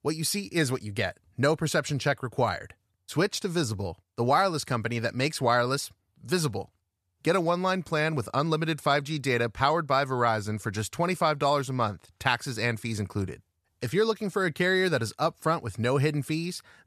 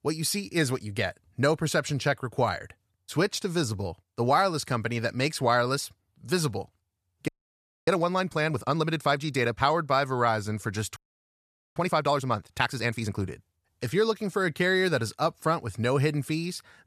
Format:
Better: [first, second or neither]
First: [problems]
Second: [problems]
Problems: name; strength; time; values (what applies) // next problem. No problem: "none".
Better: first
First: none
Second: audio freezing; at 7.5 s for 0.5 s and at 11 s for 1 s